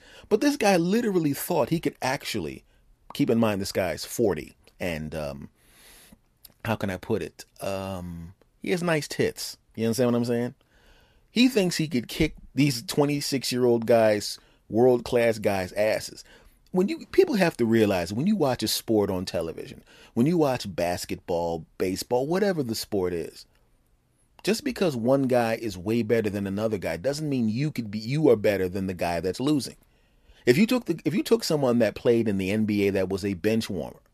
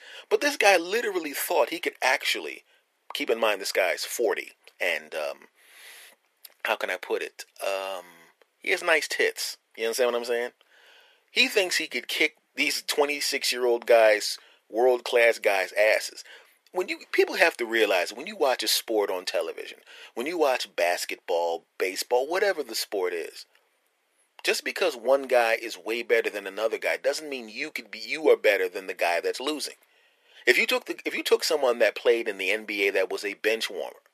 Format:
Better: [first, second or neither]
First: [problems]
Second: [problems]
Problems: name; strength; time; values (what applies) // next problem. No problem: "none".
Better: first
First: none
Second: thin; very; fading below 400 Hz